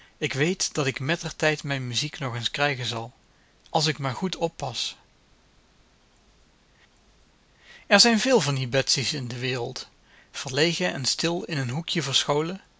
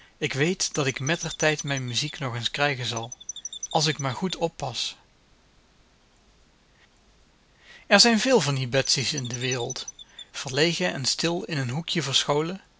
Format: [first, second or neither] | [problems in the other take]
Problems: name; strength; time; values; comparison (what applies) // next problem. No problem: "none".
first | background sound (Chirp, tweet); 13 dB below the speech